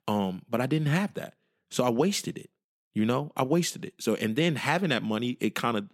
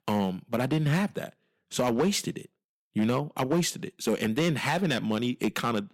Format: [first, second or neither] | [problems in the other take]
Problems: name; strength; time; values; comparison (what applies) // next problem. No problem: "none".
first | distortion; slight; 5% of the sound clipped